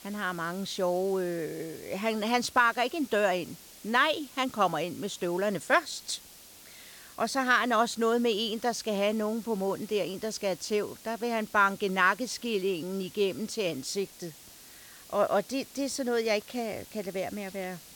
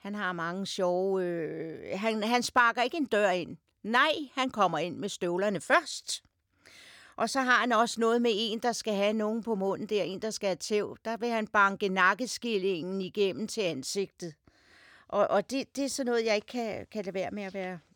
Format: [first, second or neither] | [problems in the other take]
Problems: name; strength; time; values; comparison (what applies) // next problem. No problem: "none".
second | hiss; noticeable; throughout; 20 dB below the speech